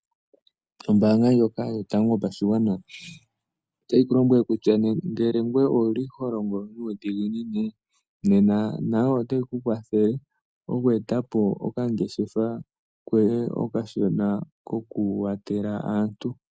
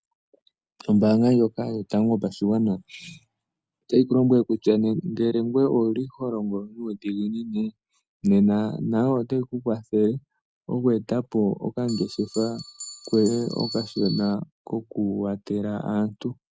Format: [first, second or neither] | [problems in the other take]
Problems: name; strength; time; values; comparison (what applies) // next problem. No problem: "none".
first | background sound (Bell); 14 dB below the speech